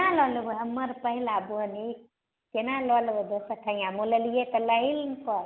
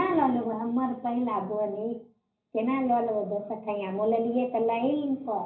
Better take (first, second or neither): first